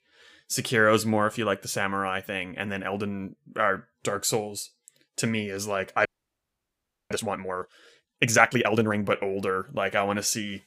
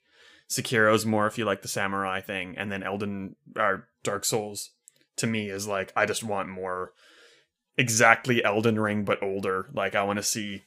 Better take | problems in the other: second | audio freezing; at 6 s for 1 s

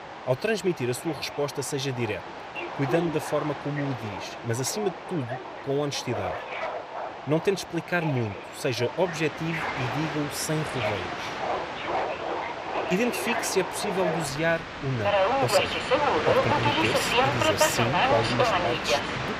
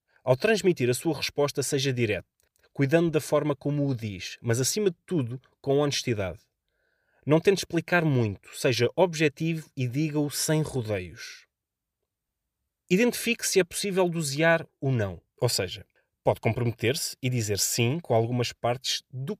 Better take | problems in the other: second | train or aircraft noise; very loud; throughout; 1 dB above the speech

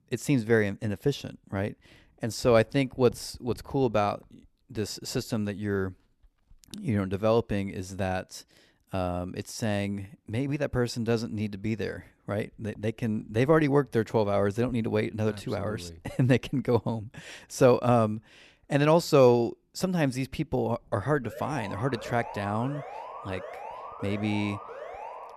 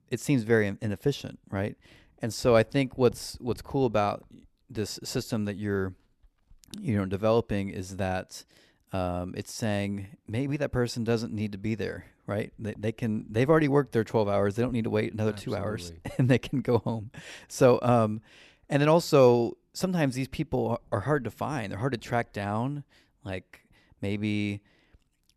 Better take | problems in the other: second | alarm; faint; from 21 s on; peak 10 dB below the speech

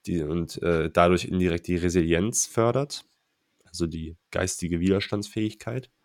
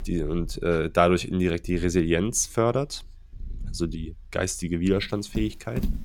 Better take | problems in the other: first | animal sounds; noticeable; throughout; 15 dB below the speech

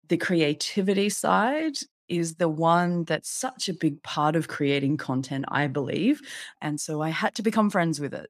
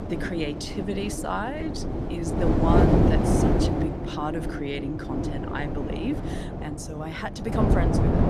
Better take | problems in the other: first | wind noise on the microphone; heavy; 3 dB above the speech

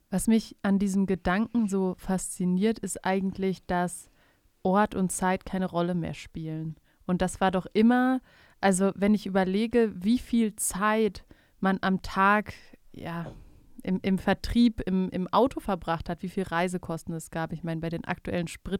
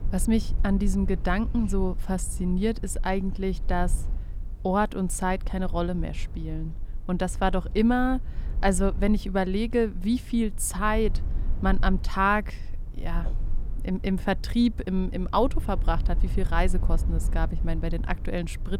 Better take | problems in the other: first | low rumble; faint; throughout; 20 dB below the speech

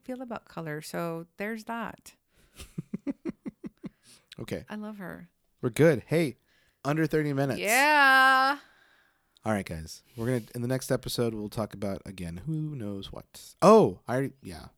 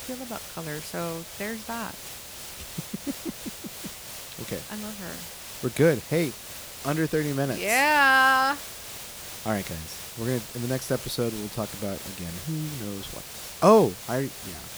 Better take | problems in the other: first | hiss; noticeable; throughout; 10 dB below the speech

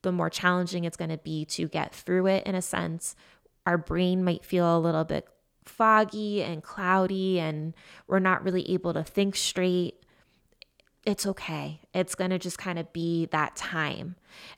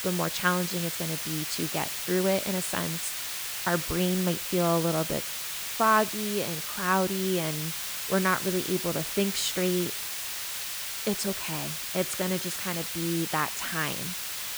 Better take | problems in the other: first | hiss; loud; throughout; 2 dB below the speech

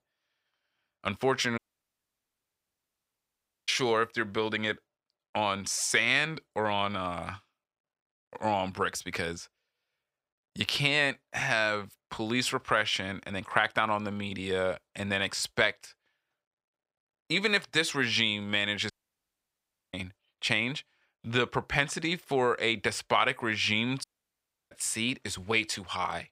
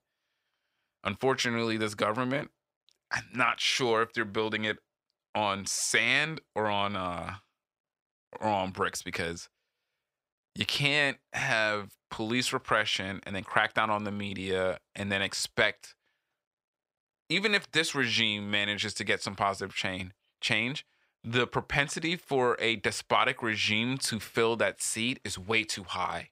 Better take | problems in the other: second | audio cutting out; at 1.5 s for 2 s, at 19 s for 1 s and at 24 s for 0.5 s

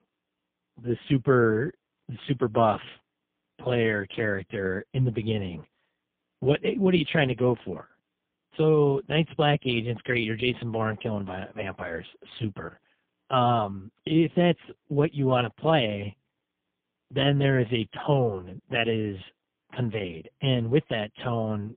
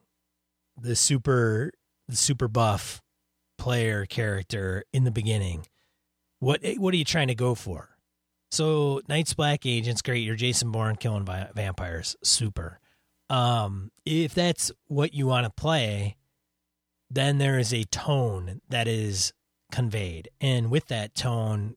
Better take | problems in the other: second | phone-call audio; poor line; nothing above 3 kHz

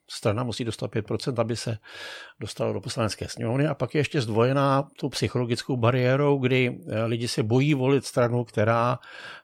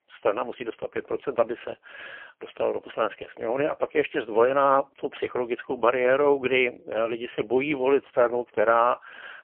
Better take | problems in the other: first | phone-call audio; poor line; nothing above 3 kHz

